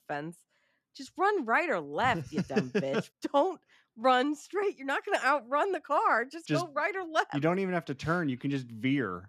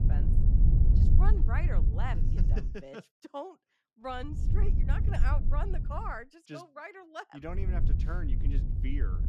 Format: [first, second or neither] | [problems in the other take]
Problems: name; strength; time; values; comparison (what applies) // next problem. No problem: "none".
first | low rumble; loud; until 2.5 s, from 4 to 6 s and from 7.5 s on; 4 dB below the speech